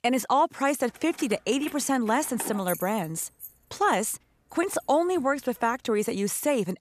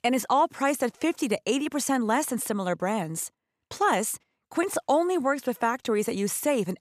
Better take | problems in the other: second | jangling keys; noticeable; from 1 to 5 s; peak 8 dB below the speech

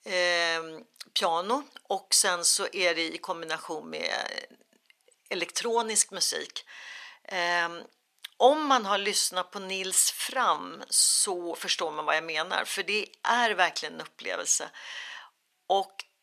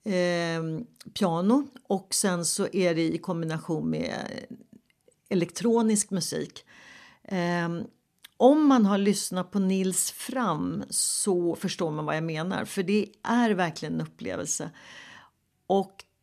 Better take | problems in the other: second | thin; very; fading below 750 Hz

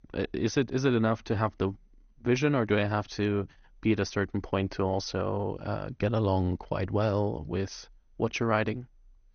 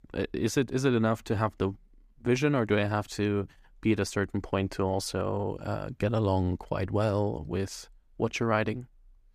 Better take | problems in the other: second | garbled, watery; slightly; nothing above 6.5 kHz

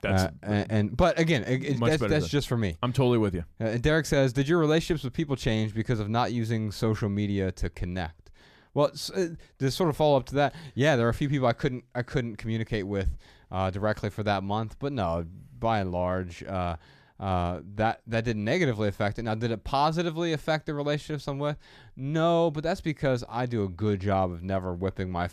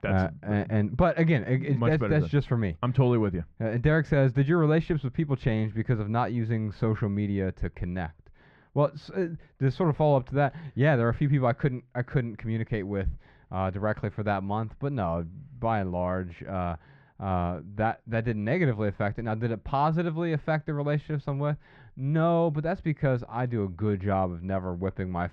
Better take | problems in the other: first | muffled; very; fading above 2 kHz

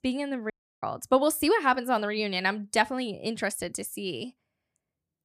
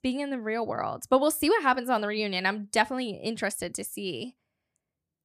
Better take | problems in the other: second | audio cutting out; at 0.5 s

